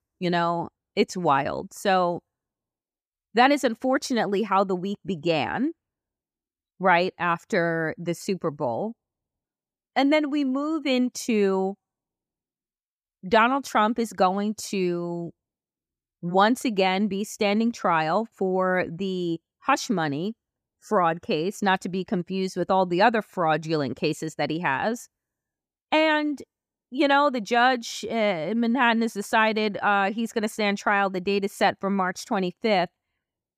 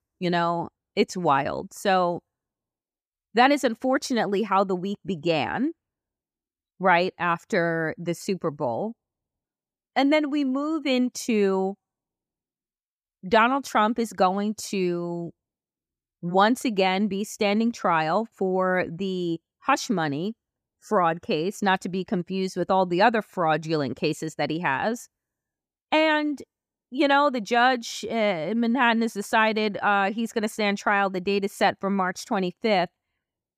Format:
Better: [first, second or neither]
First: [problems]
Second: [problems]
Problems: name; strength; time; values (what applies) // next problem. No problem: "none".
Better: neither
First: none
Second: none